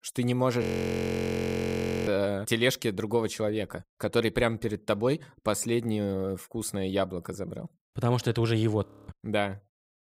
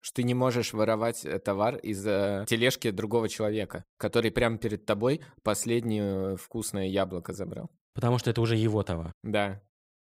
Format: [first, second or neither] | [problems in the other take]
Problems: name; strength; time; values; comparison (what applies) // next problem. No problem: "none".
second | audio freezing; at 0.5 s for 1.5 s and at 9 s